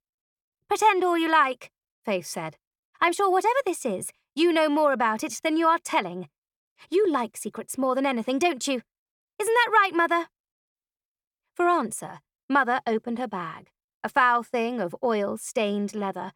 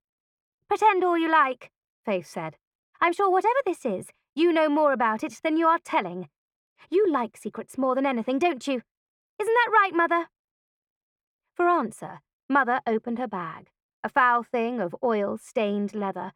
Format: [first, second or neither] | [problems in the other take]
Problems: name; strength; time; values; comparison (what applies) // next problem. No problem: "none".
first | muffled; slightly; fading above 3.5 kHz